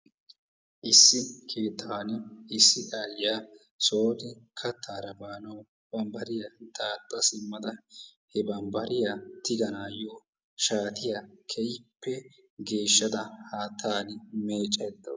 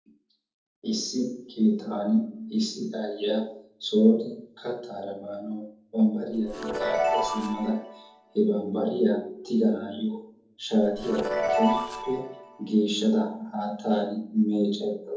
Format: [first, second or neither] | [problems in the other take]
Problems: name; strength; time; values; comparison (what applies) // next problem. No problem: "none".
first | noise reduction (neural separator model SepFormer DNS4)